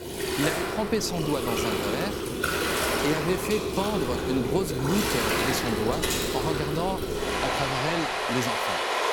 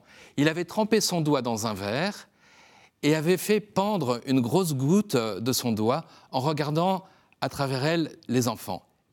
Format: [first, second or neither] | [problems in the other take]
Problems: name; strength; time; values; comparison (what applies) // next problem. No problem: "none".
second | rain or running water; very loud; throughout; 3 dB above the speech